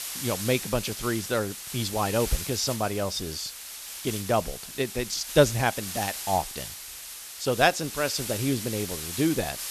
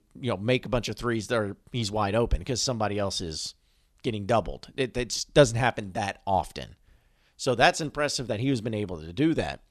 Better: second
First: hiss; loud; throughout; 7 dB below the speech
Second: none

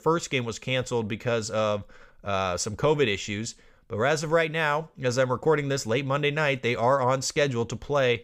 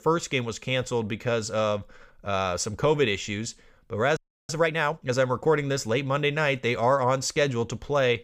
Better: first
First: none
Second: audio freezing; at 4 s

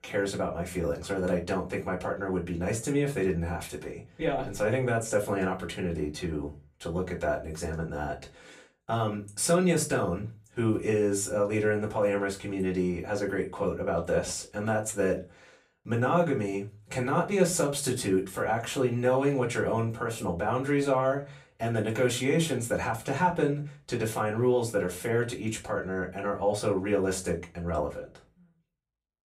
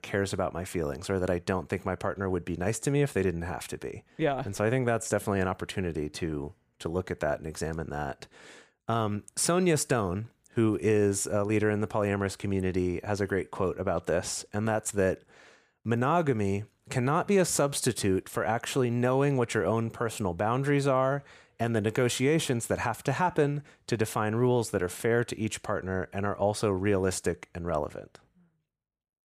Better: second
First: off-mic speech; far // room echo; very slight; dies away in 0.2 s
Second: none

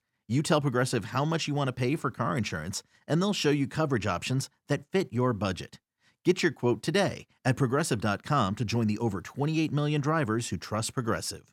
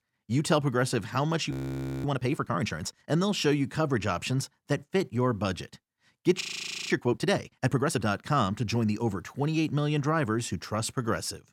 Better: first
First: none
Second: audio freezing; at 1.5 s for 0.5 s and at 6.5 s

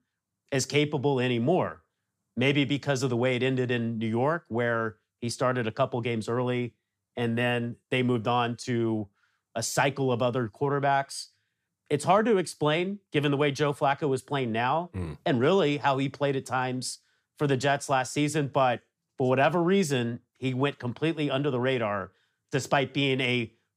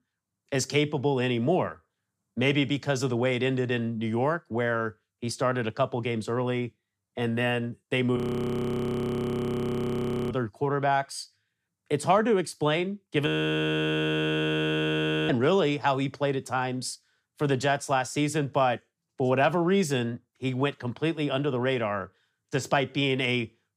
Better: first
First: none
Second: audio freezing; at 8 s for 2 s and at 13 s for 2 s

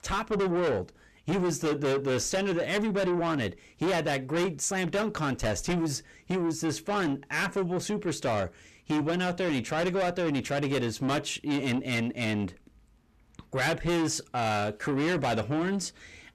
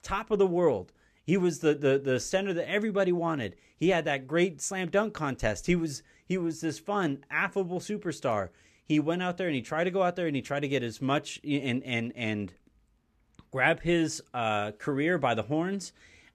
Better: second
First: distortion; heavy; 6 dB below the speech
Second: none

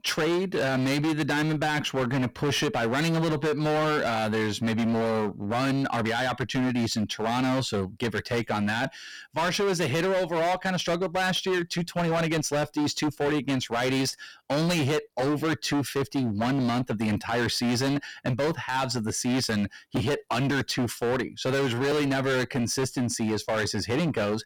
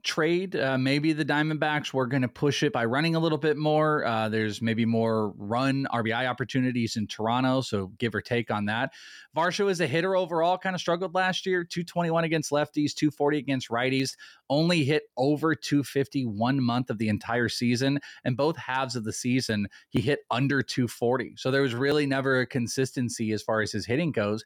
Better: second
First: distortion; heavy; 27% of the sound clipped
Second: none

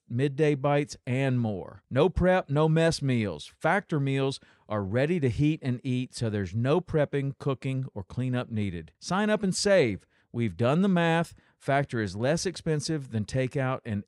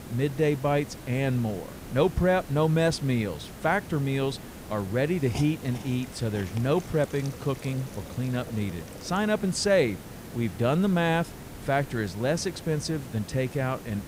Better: first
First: none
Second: hiss; noticeable; throughout; 15 dB below the speech

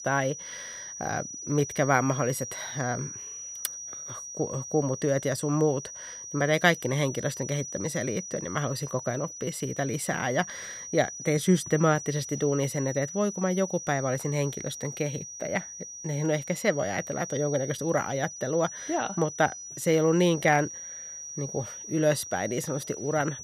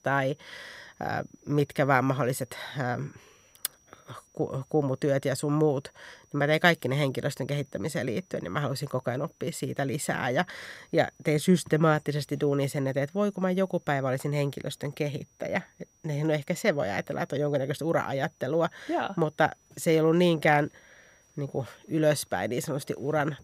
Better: second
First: high-pitched whine; loud; throughout; 6 kHz, 9 dB below the speech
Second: high-pitched whine; faint; throughout; 6 kHz, 35 dB below the speech

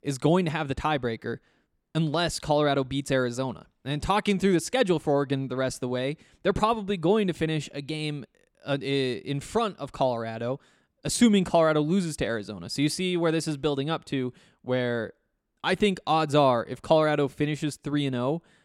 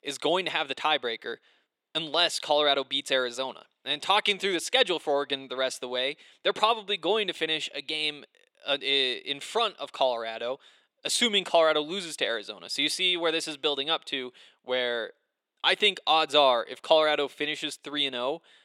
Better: first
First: none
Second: thin; somewhat; fading below 550 Hz

